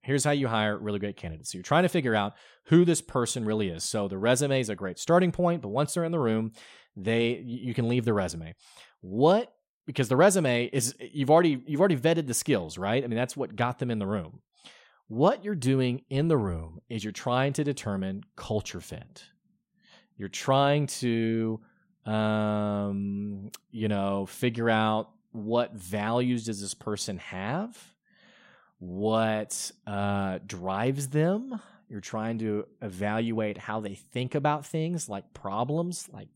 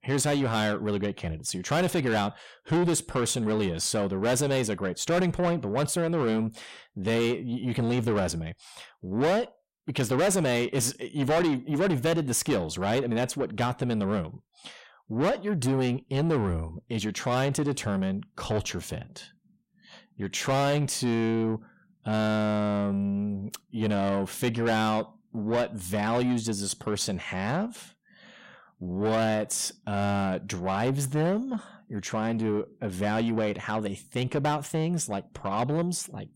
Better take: first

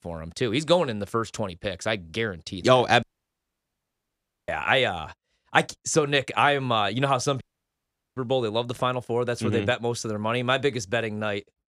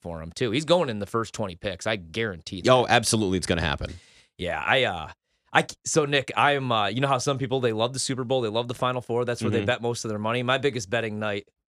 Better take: second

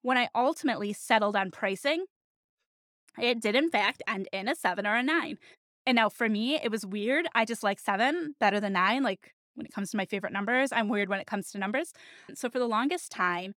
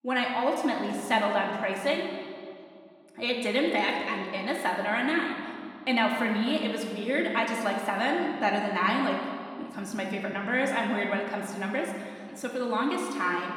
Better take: first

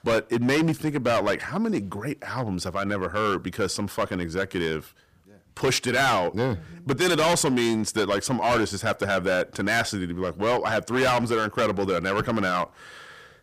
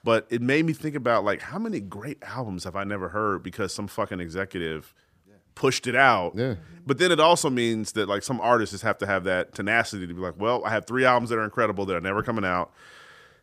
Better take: second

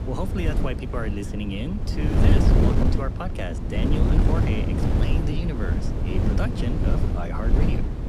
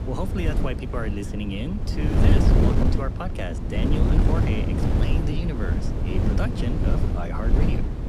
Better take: neither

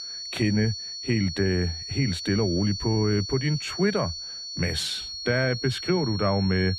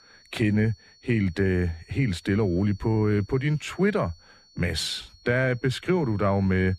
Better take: second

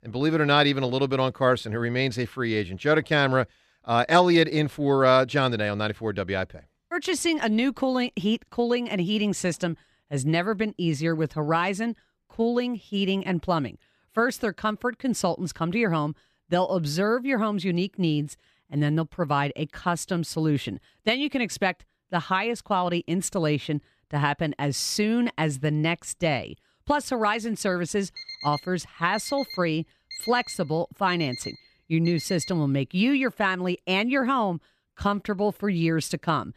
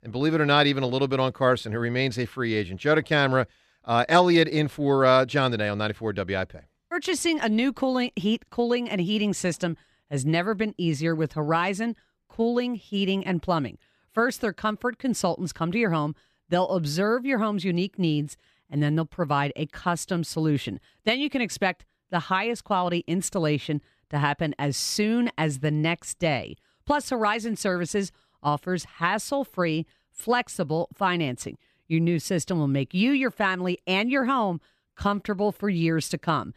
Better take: second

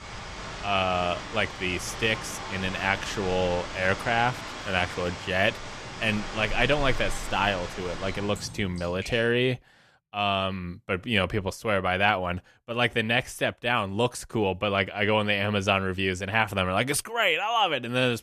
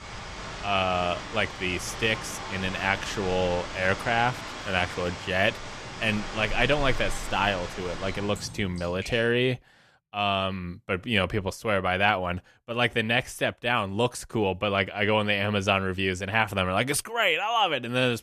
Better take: neither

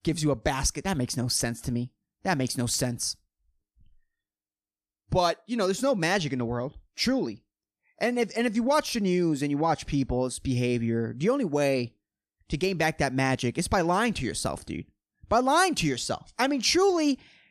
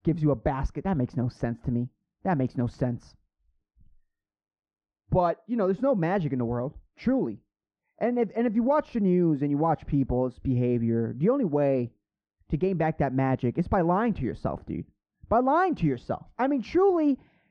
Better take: first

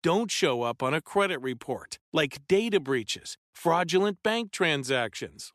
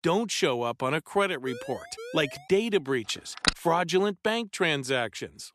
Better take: first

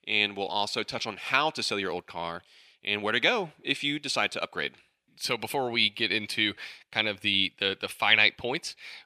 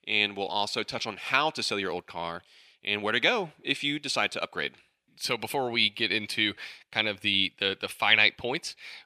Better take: neither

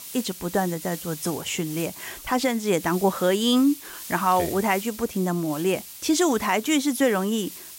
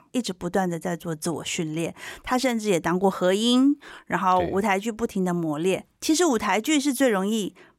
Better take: second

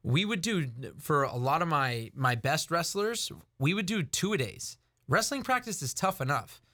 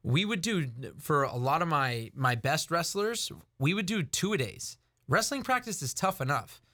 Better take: neither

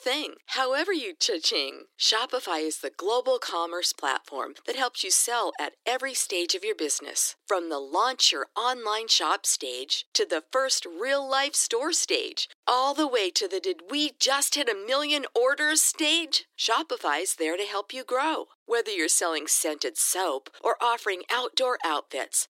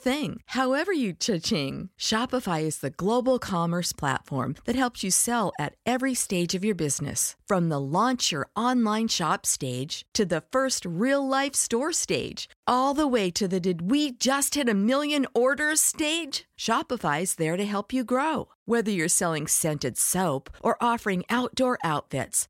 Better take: second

